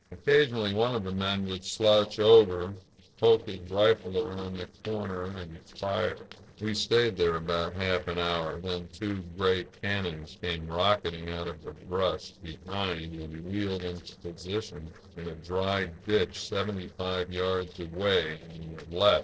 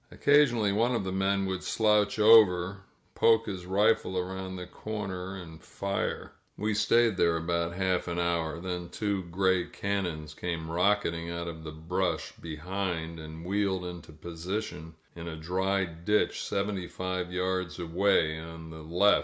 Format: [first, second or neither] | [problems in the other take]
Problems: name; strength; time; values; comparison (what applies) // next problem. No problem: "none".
second | noise reduction (neural separator model SepFormer DNS4)